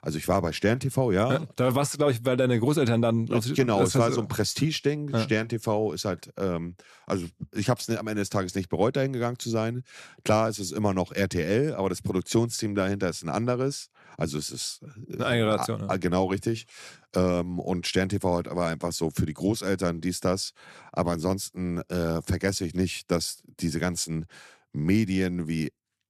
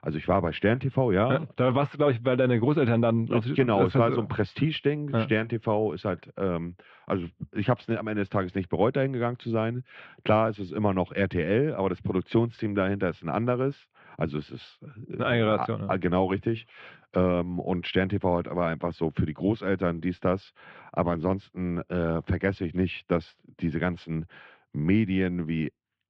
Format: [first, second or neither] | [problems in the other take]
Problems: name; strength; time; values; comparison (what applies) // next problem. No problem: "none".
first | muffled; very; fading above 3 kHz